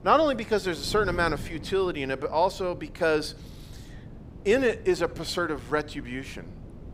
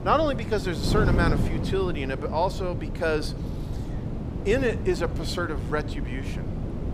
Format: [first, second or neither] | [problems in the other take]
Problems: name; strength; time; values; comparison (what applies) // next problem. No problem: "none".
first | wind noise on the microphone; heavy; 10 dB below the speech; occasional gusts in the first